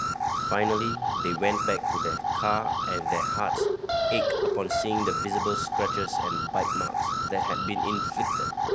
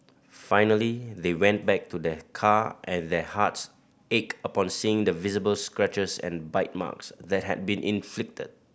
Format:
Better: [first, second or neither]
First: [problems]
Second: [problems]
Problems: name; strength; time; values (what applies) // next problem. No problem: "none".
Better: second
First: background sound (Alarm); 4 dB above the speech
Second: none